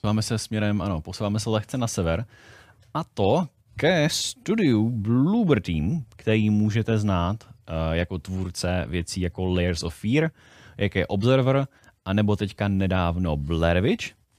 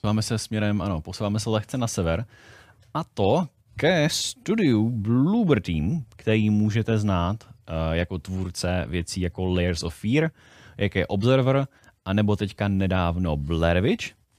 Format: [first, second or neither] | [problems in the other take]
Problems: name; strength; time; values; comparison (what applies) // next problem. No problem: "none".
neither | none